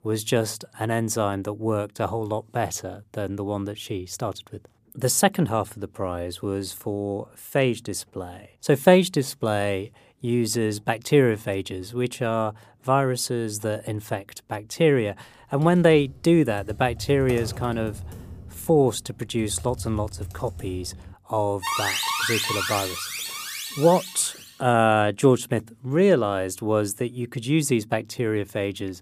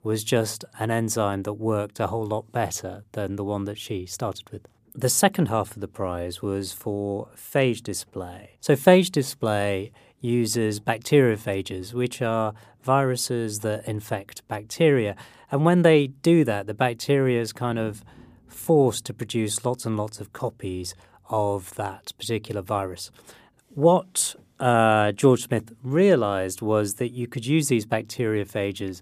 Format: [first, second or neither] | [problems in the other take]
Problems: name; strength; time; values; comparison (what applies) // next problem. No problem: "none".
second | keyboard typing; noticeable; from 16 to 21 s; peak 9 dB below the speech // alarm; loud; from 22 to 24 s; peak 1 dB above the speech